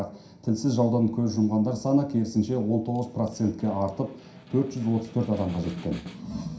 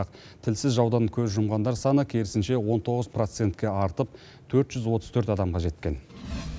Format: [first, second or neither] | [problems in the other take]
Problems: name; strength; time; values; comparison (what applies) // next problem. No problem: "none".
second | background sound (Snare drum); 18 dB below the speech // room echo; dies away in 0.5 s